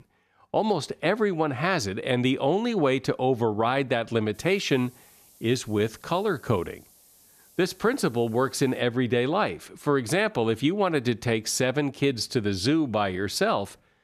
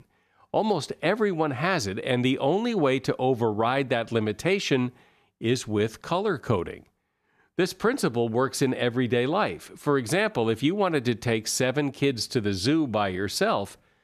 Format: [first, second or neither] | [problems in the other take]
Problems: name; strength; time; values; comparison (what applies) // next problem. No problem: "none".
second | hiss; faint; from 4.5 to 9 s; 30 dB below the speech